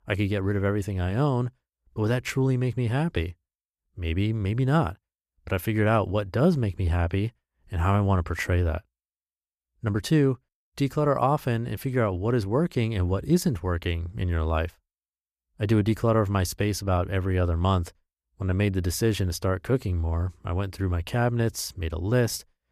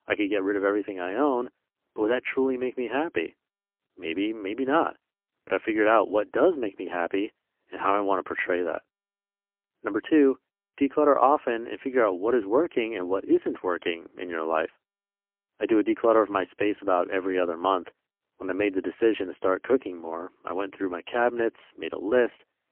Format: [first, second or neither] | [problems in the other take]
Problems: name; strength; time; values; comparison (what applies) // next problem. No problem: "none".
first | phone-call audio; poor line; nothing above 3 kHz